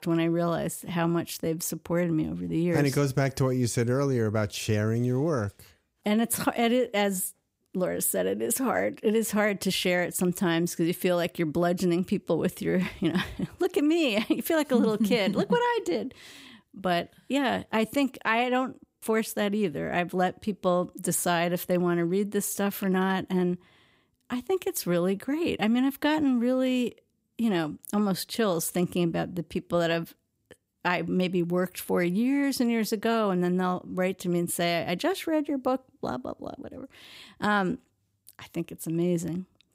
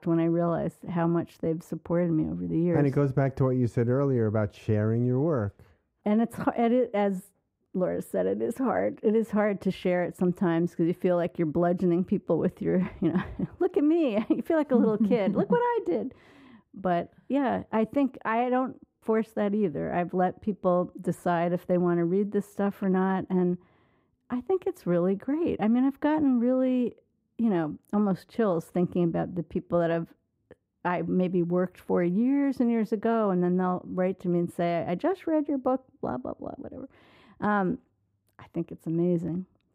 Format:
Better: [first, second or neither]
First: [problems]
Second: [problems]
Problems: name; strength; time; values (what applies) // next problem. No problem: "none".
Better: first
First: none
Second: muffled; very; fading above 2.5 kHz